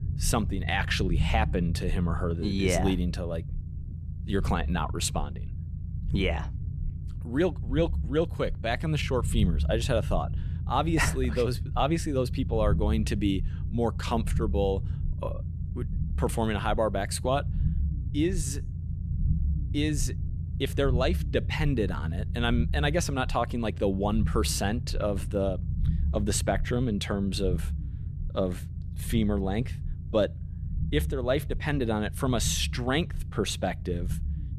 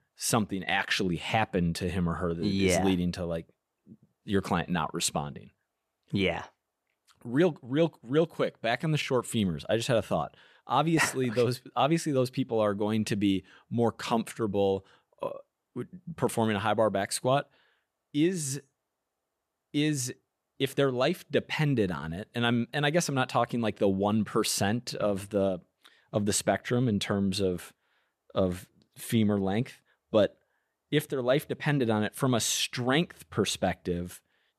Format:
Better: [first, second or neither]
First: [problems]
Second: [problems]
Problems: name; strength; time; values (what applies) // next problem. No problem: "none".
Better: second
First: low rumble; noticeable; throughout; 15 dB below the speech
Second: none